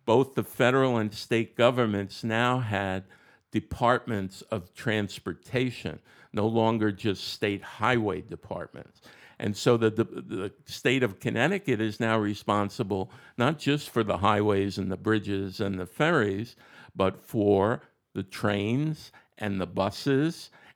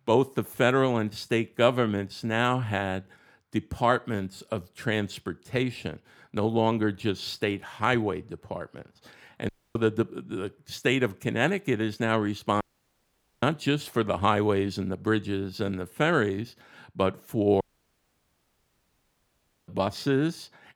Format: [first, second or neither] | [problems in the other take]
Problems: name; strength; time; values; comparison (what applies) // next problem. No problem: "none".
first | audio cutting out; at 9.5 s, at 13 s for 1 s and at 18 s for 2 s